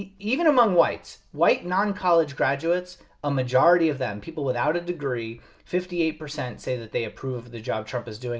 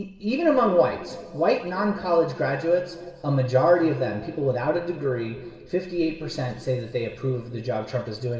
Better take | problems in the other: first | room echo; dies away in 2.2 s

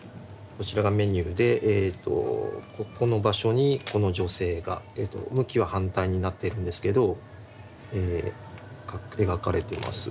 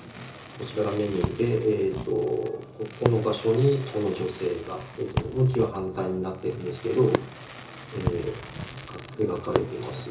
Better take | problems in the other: first | background sound (Fireworks); 8 dB below the speech // room echo; dies away in 0.7 s

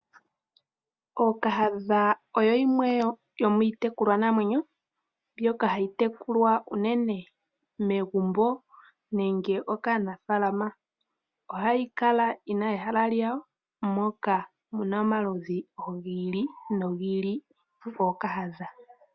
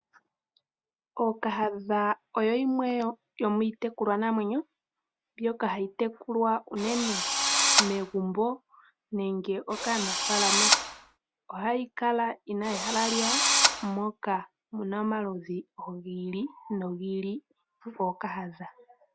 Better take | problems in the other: first | background sound (Drill); 4 dB above the speech

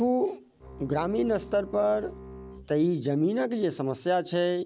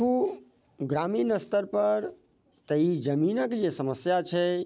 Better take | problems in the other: second | background sound (Bowed string instrument); 18 dB below the speech

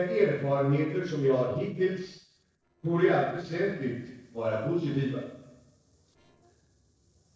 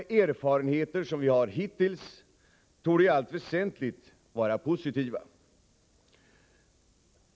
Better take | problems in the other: second | noise reduction (neural separator model SepFormer DNS4)

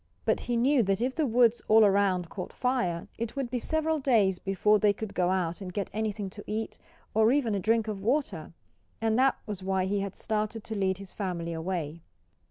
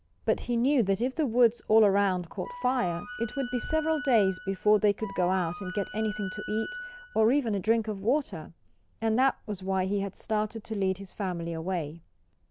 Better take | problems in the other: first | background sound (Wind instrument, woodwind instrument); 12 dB below the speech

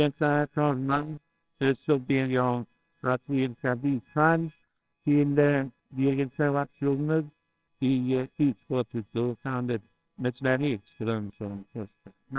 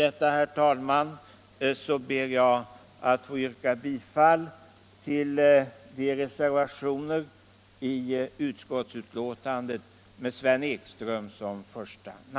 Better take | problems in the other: second | noise reduction (neural separator model SepFormer WHAMR!)

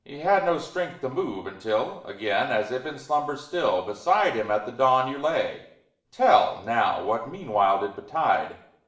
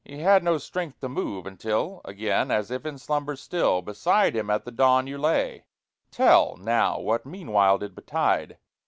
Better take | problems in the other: second | room echo; dies away in 0.7 s

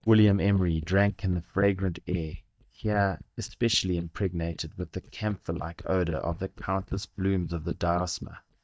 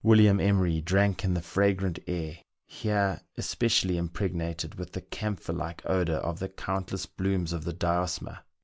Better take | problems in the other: second | noise reduction (neural mask model DeepFilterNet 3)

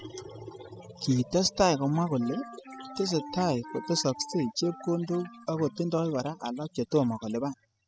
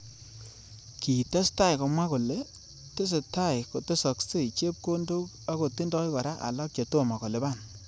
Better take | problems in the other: second | noise reduction (classical method spectral subtraction)

